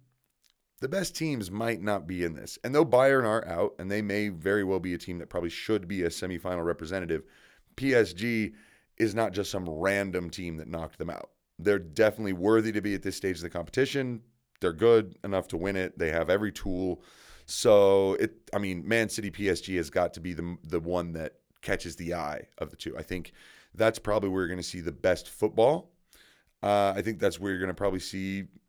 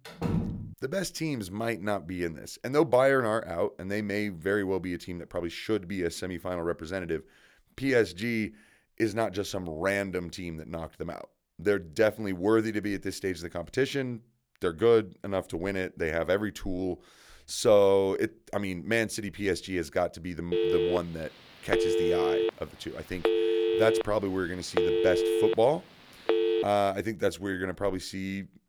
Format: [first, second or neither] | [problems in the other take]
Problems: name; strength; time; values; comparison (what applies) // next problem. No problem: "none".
first | door banging; noticeable; at the start; peak 1 dB below the speech // phone ringing; loud; from 21 to 27 s; peak 4 dB above the speech